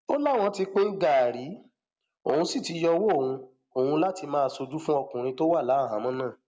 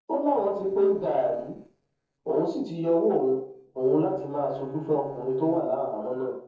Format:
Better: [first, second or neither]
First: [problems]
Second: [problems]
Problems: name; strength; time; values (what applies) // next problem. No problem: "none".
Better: first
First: none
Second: noise reduction (neural separator model SepFormer DNS4)